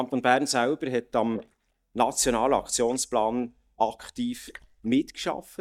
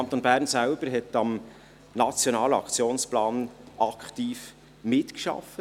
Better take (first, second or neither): second